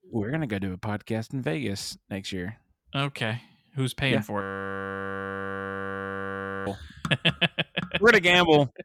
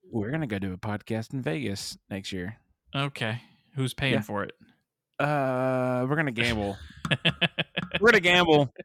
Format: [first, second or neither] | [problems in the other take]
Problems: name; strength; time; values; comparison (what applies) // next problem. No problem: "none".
second | audio freezing; at 4.5 s for 2.5 s